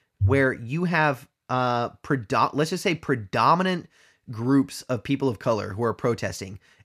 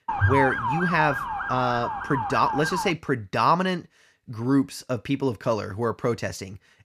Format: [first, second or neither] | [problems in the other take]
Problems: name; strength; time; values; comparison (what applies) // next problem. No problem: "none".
first | siren; loud; until 3 s; peak 1 dB above the speech